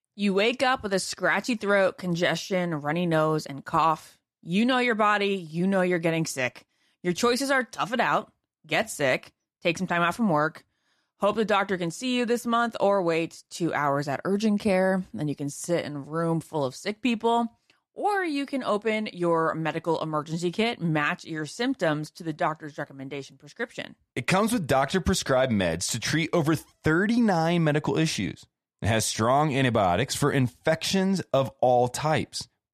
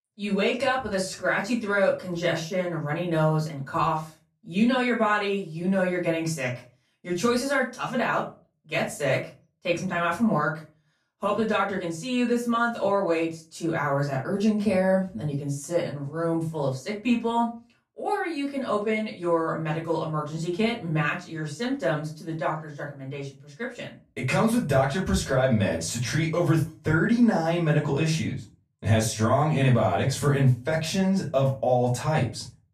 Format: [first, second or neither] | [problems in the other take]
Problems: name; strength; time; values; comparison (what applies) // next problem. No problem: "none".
first | off-mic speech; far // room echo; slight; dies away in 0.3 s